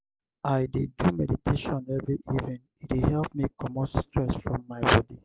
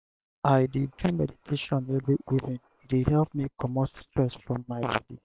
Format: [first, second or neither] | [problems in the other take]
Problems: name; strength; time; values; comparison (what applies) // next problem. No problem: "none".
first | noise reduction (neural separator model SepFormer WHAM!)